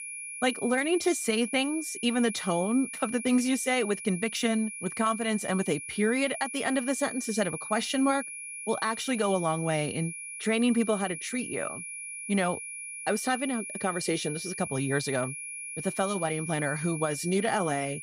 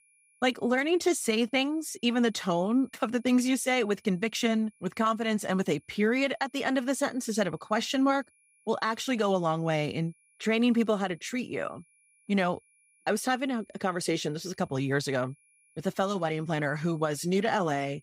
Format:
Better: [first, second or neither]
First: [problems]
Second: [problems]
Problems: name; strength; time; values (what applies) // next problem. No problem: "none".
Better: second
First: high-pitched whine; loud; throughout; 2.5 kHz, 8 dB below the speech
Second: high-pitched whine; faint; throughout; 2.5 kHz, 35 dB below the speech